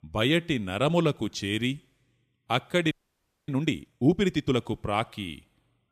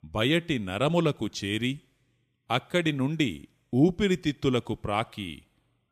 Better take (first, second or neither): second